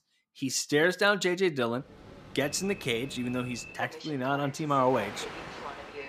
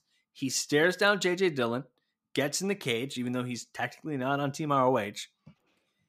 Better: second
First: train or aircraft noise; noticeable; from 2 s on; 15 dB below the speech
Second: none

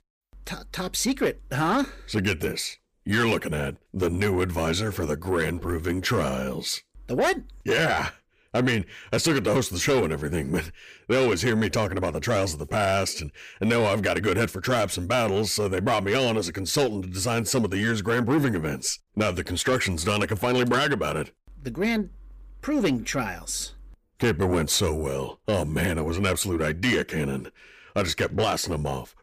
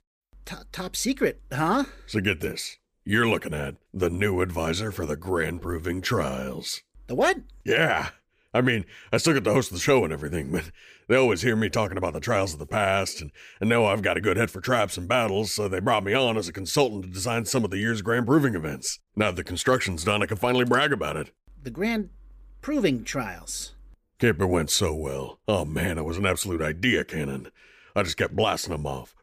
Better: second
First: distortion; slight; 10 dB below the speech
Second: none

